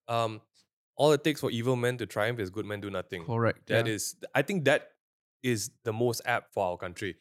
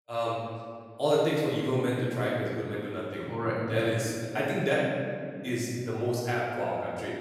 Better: first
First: none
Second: room echo; strong; dies away in 2.2 s // off-mic speech; far

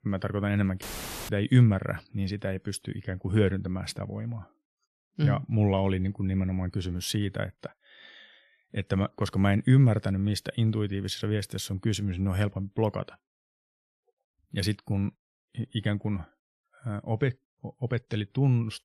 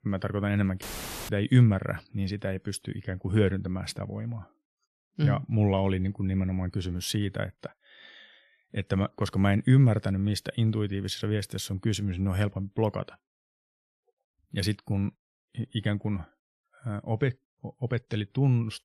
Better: neither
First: audio cutting out; filled with static; at 1 s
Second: audio cutting out; filled with static; at 1 s

